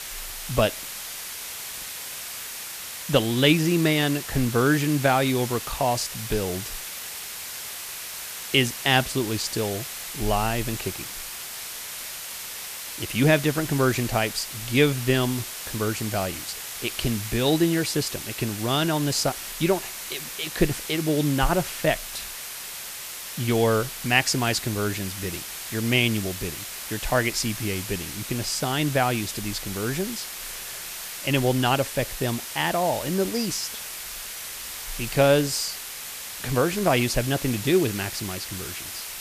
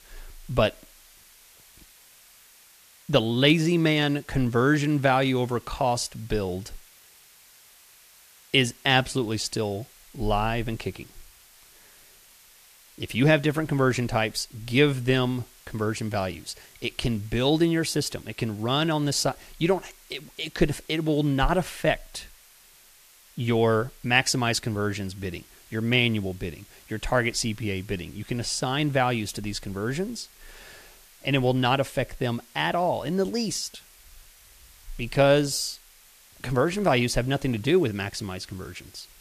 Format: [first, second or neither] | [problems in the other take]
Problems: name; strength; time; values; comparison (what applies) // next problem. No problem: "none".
second | hiss; loud; throughout; 8 dB below the speech; faint in the second